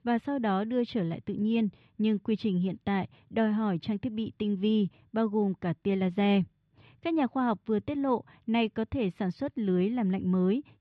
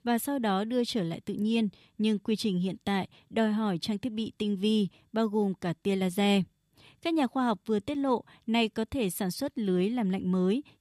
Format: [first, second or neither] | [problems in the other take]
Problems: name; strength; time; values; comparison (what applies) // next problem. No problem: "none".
second | muffled; slightly; fading above 3 kHz